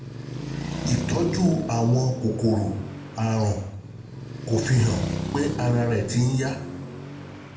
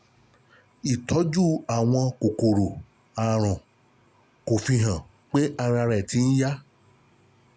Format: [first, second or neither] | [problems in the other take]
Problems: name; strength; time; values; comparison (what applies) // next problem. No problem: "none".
second | background sound (Traffic noise, roadway noise); 7 dB below the speech // room echo; dies away in 0.6 s